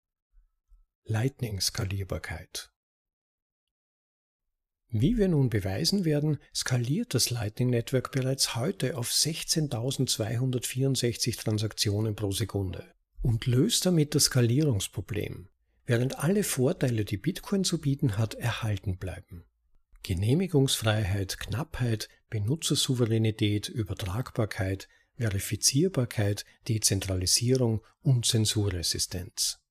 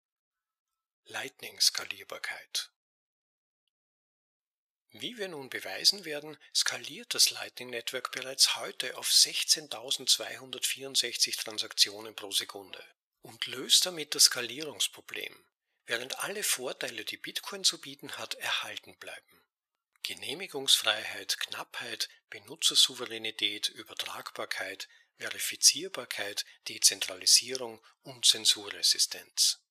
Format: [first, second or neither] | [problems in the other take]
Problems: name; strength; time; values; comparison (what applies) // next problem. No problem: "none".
first | thin; very; fading below 800 Hz